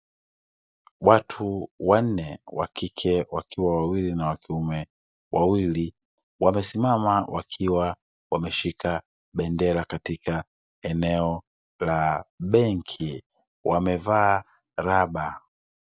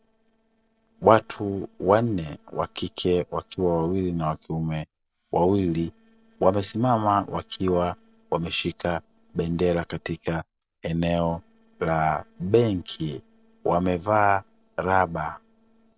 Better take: first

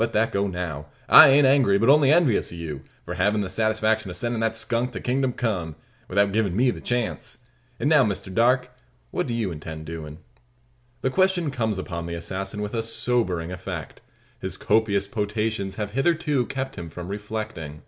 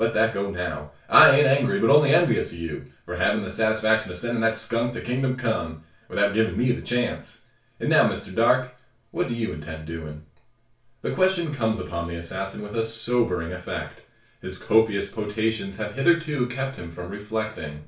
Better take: first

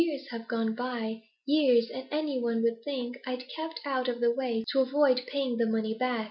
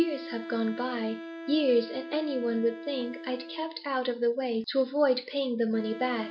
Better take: first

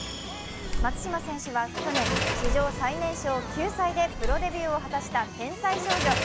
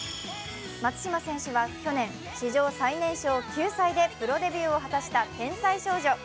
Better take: second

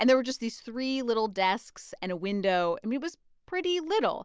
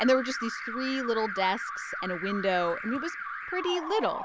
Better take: first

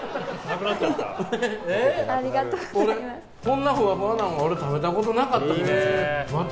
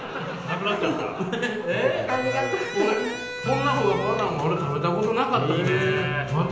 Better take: first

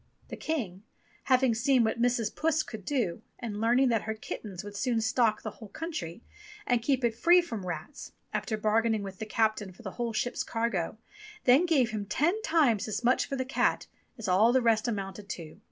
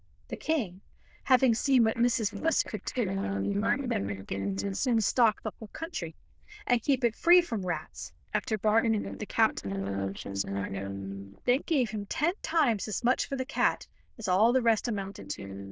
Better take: first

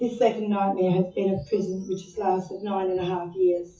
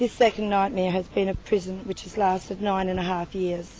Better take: second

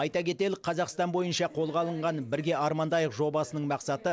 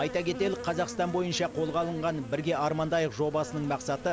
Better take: first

